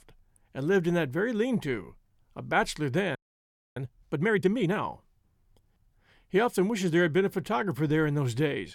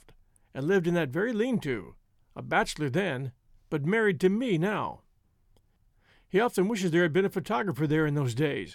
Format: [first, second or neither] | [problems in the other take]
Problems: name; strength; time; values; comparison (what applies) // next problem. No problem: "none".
second | audio freezing; at 3 s for 0.5 s